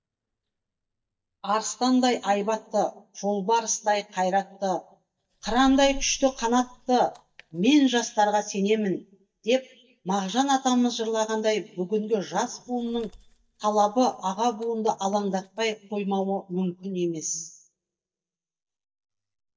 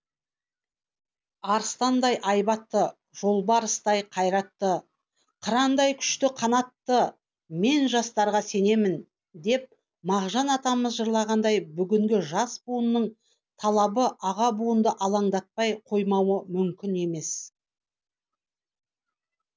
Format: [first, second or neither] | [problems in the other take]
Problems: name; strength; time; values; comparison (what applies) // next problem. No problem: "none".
second | noise reduction (neural mask model DeepFilterNet 3)